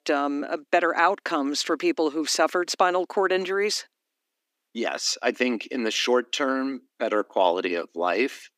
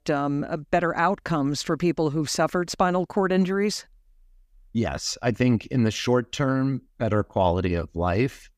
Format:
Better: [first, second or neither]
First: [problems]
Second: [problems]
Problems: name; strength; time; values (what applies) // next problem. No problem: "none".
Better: second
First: thin; somewhat; fading below 250 Hz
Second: none